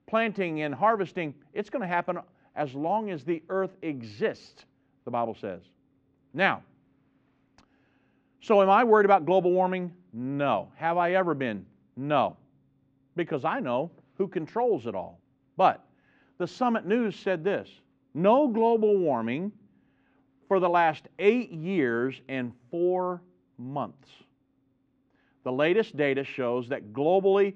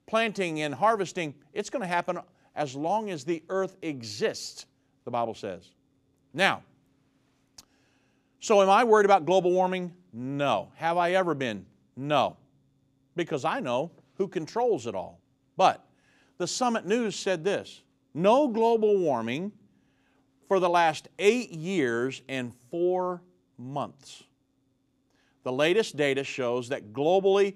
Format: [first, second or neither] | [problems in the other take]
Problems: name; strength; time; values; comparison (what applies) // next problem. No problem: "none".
second | muffled; very; fading above 2 kHz